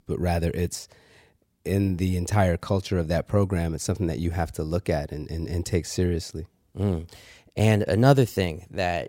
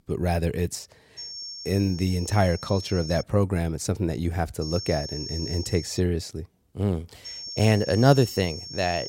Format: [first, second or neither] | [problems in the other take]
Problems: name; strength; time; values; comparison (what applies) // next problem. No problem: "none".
first | high-pitched whine; noticeable; from 1 to 3 s, from 4.5 to 6 s and from 7.5 s on; 5.5 kHz, 10 dB below the speech